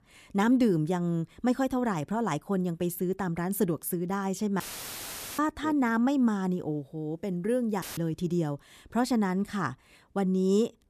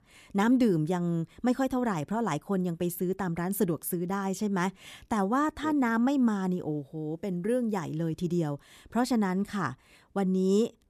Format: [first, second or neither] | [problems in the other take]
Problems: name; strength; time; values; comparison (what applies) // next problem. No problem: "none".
second | audio cutting out; filled with static; at 4.5 s for 1 s and at 8 s